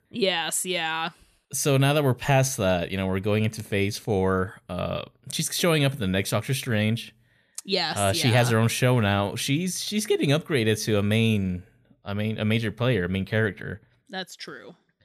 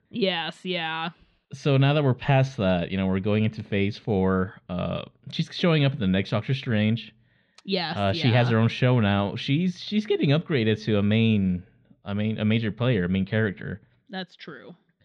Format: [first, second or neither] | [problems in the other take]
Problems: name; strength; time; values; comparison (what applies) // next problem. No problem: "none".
first | muffled; very slightly; fading above 3.5 kHz